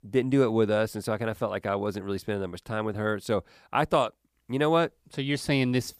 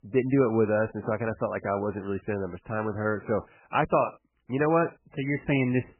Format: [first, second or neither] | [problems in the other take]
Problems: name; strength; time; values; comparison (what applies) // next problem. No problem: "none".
first | garbled, watery; badly; nothing above 3 kHz